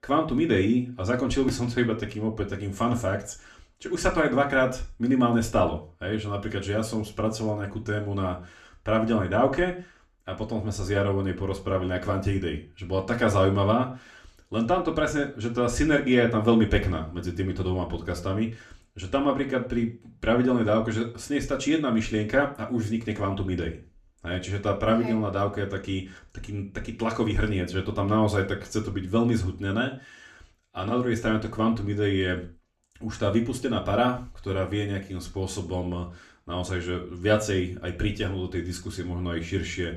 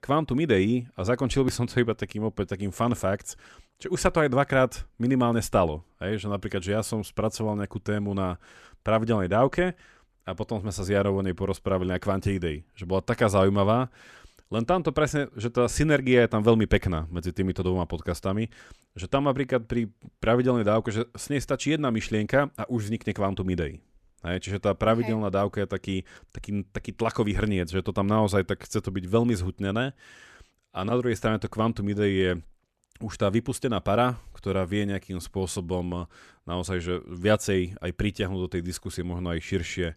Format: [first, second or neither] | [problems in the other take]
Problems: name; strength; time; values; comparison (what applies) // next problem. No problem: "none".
second | room echo; very slight; dies away in 0.3 s // off-mic speech; somewhat distant